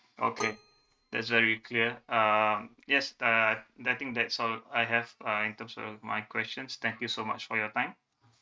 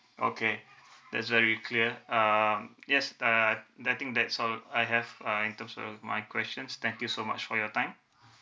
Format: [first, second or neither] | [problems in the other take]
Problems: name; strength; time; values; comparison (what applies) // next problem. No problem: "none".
second | noise reduction (neural mask model RNNoise)